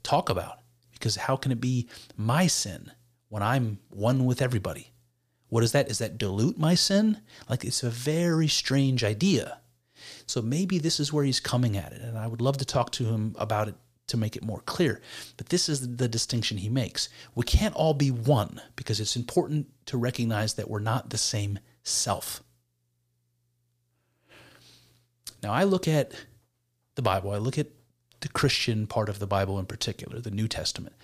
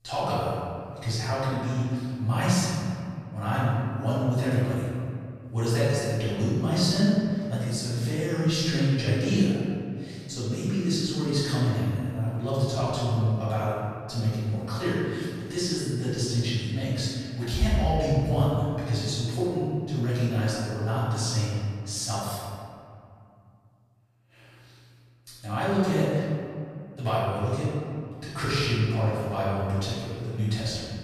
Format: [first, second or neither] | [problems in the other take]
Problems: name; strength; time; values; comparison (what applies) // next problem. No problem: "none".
first | off-mic speech; far // room echo; strong; dies away in 2.1 s